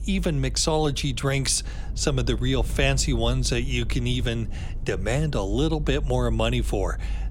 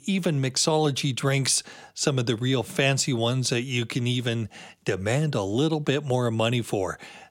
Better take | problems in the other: second | low rumble; faint; throughout; 20 dB below the speech

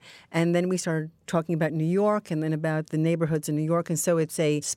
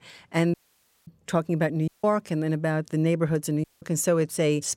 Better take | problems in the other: first | audio cutting out; at 0.5 s for 0.5 s, at 2 s and at 3.5 s

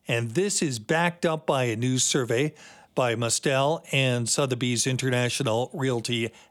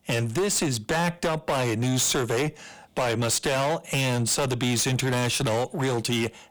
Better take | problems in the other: first | distortion; heavy; 22% of the sound clipped

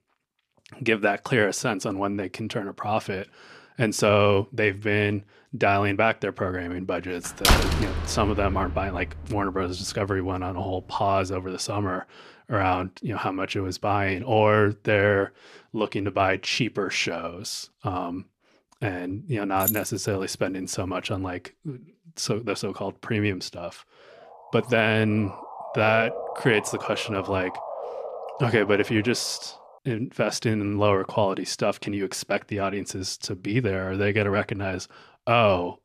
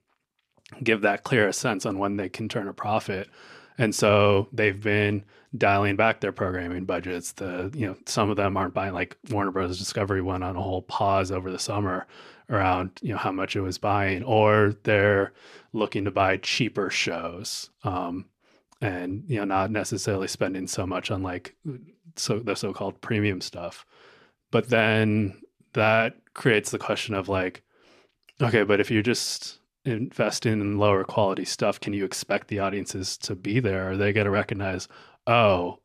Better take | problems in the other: second | door banging; loud; from 7.5 to 9 s; peak 6 dB above the speech // jangling keys; noticeable; at 20 s; peak 1 dB below the speech // siren; noticeable; from 24 to 30 s; peak 7 dB below the speech

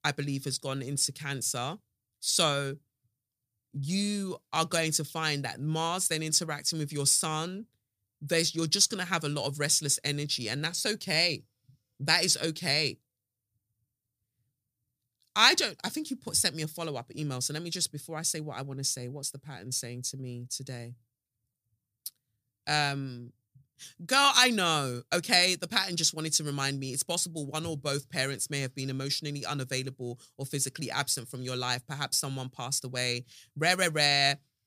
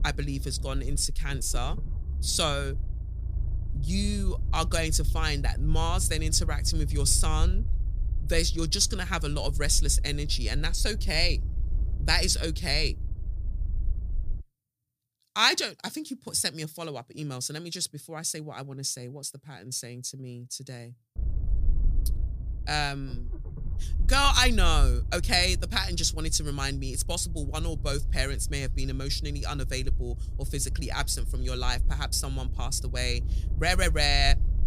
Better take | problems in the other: first | low rumble; faint; until 14 s and from 21 s on; 20 dB below the speech

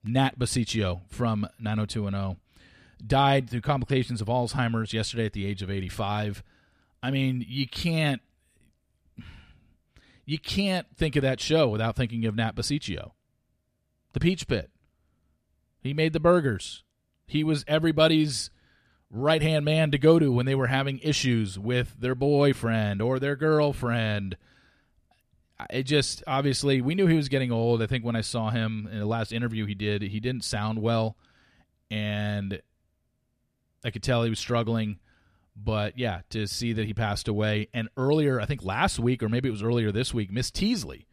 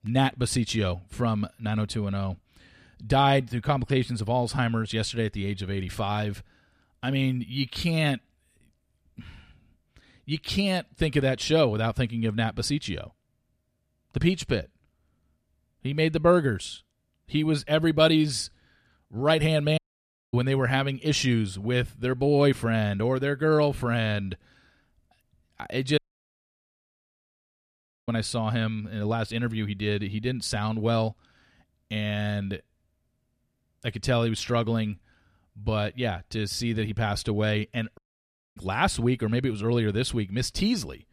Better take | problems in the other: first | audio cutting out; at 20 s for 0.5 s, at 26 s for 2 s and at 38 s for 0.5 s

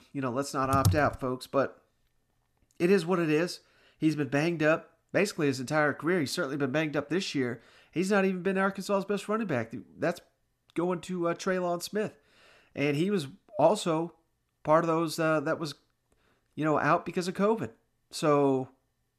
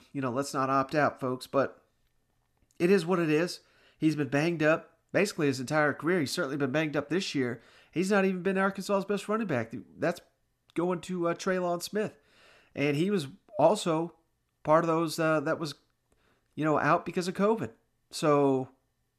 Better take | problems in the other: second | keyboard typing; noticeable; at 0.5 s; peak level with the speech

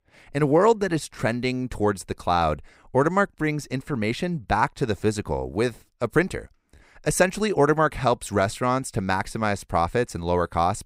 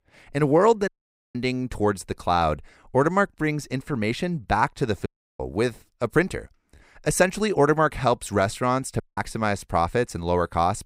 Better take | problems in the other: first | audio cutting out; at 1 s, at 5 s and at 9 s

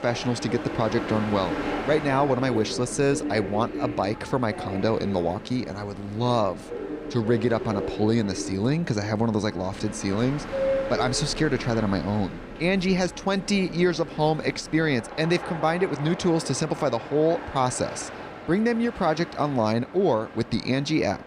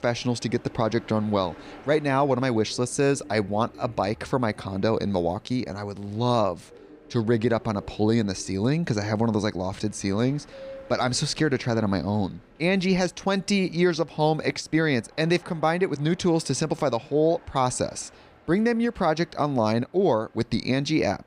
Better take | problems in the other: second | train or aircraft noise; loud; throughout; 9 dB below the speech; faint in the second

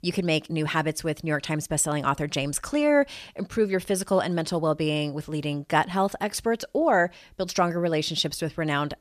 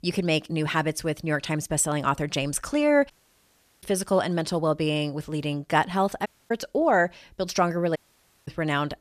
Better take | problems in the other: first | audio cutting out; at 3 s for 0.5 s, at 6.5 s and at 8 s for 0.5 s

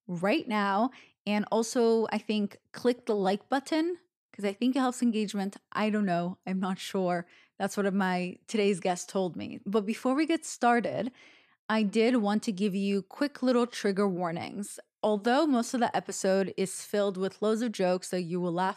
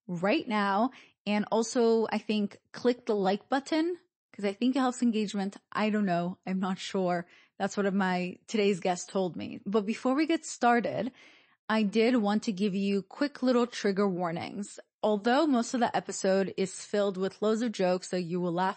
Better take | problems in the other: first | garbled, watery; slightly; nothing above 8 kHz

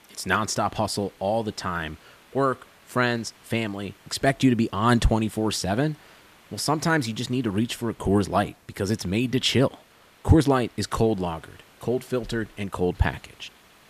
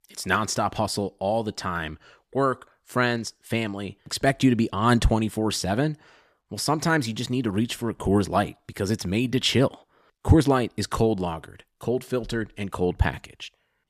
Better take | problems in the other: second | hiss; faint; throughout; 30 dB below the speech

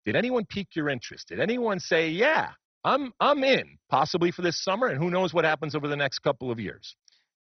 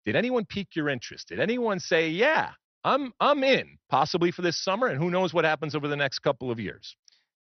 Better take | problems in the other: second | garbled, watery; badly; nothing above 6 kHz; slightly in the second

